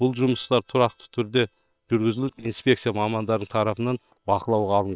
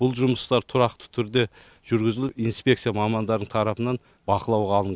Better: second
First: noise reduction (neural separator model SepFormer WHAM!)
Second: none

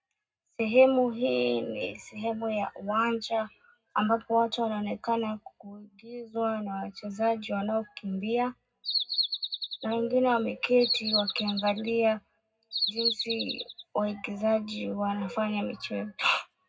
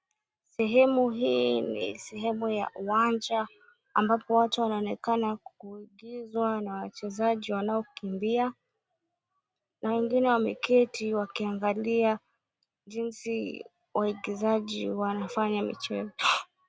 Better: second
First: background sound (Bird vocalization, bird call, bird song); 3 dB below the speech // room echo; dies away in 0.3 s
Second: none

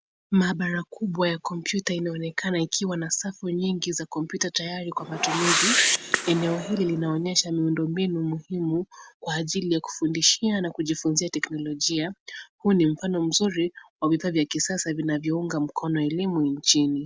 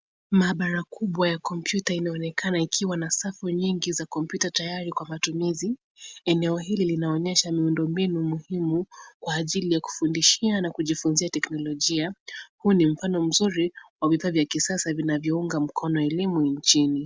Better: second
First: background sound (Whoosh, swoosh, swish); 2 dB below the speech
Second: none

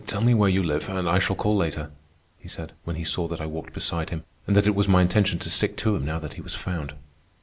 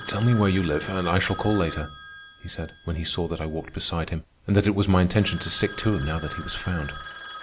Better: first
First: none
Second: background sound (Telephone); 15 dB below the speech

